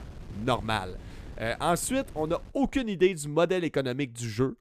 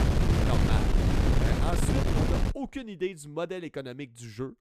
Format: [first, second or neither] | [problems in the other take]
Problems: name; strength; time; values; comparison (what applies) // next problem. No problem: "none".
first | wind noise on the microphone; heavy; until 2.5 s; 4 dB above the speech; occasional gusts in the first